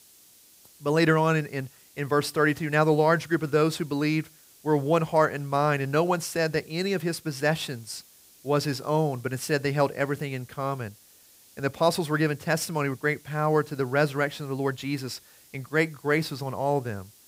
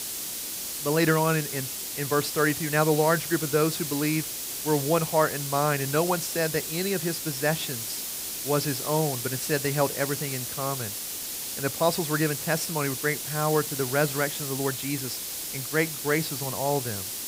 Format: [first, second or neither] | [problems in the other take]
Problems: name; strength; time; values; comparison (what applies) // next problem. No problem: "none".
first | hiss; loud; throughout; 4 dB below the speech; faint in the first